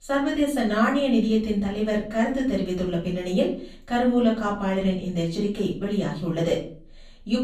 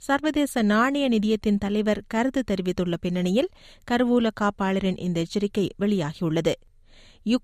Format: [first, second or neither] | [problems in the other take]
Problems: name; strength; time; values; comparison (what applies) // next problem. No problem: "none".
second | off-mic speech; far // room echo; slight; dies away in 0.4 s